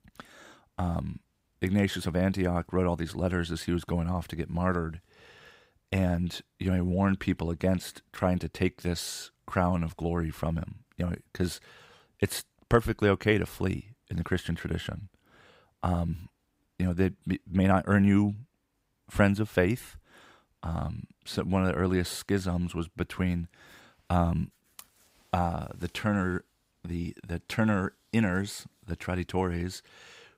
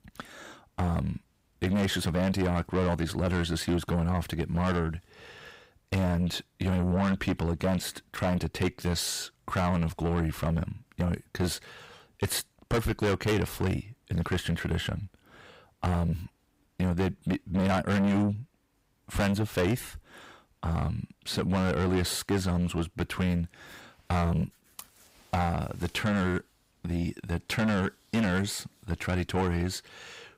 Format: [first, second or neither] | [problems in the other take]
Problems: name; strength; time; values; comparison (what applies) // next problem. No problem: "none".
first | distortion; heavy; 6 dB below the speech